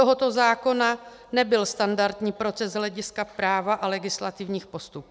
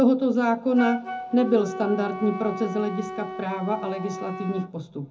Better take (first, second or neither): first